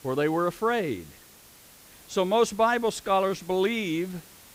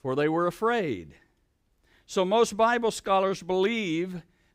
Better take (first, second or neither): second